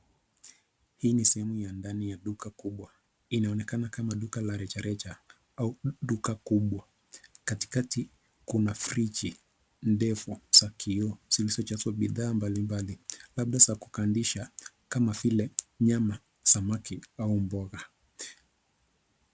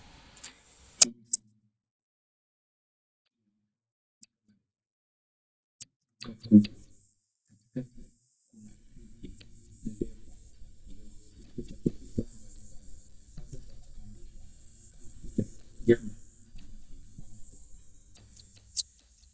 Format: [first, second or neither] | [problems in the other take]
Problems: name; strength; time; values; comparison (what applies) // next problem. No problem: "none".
first | noise reduction (neural mask model DeepFilterNet 3)